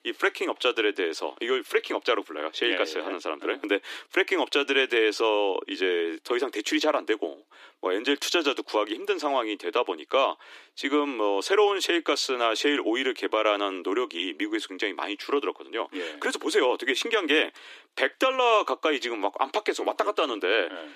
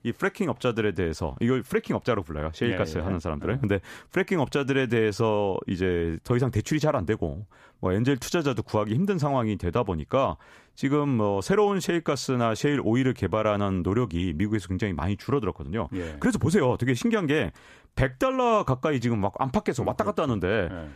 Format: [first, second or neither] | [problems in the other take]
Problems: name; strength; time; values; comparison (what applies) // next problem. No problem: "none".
second | thin; somewhat; fading below 300 Hz